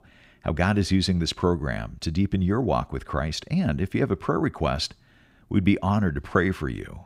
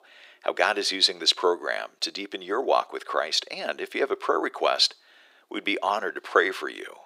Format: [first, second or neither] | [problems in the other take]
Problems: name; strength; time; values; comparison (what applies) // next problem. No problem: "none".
first | thin; very; fading below 400 Hz